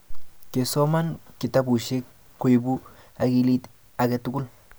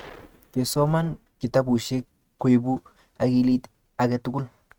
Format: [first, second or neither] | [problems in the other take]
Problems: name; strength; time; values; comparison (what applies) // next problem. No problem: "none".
first | noise reduction (neural mask model RNNoise)